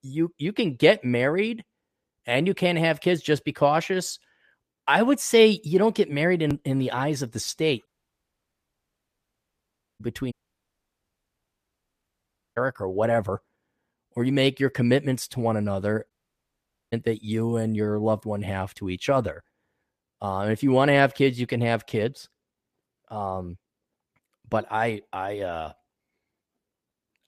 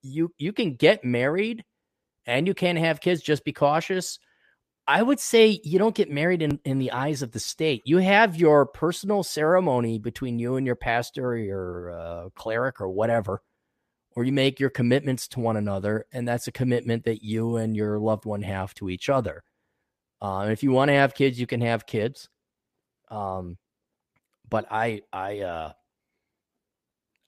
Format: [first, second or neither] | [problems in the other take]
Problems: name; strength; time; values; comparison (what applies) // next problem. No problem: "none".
second | audio cutting out; at 8 s for 2 s, at 10 s for 2 s and at 16 s for 1 s